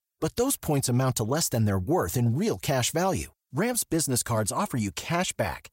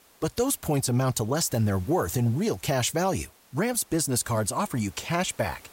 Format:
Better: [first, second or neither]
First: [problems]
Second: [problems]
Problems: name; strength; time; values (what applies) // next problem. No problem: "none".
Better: first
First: none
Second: hiss; faint; throughout; 25 dB below the speech